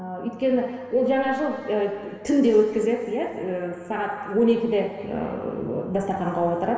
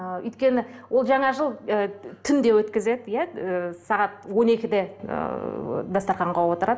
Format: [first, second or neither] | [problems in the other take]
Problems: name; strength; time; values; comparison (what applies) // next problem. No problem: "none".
second | room echo; dies away in 2.2 s